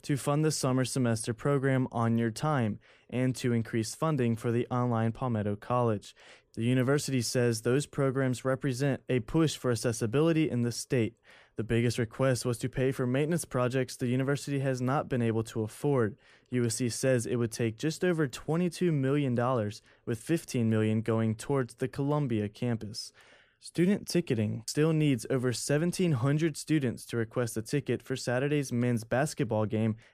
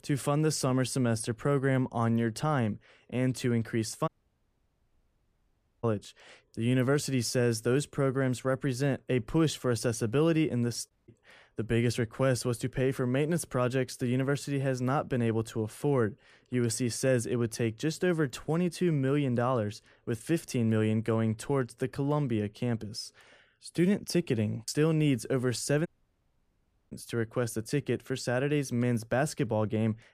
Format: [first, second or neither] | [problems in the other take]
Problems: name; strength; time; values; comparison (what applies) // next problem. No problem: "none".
first | audio cutting out; at 4 s for 2 s, at 11 s and at 26 s for 1 s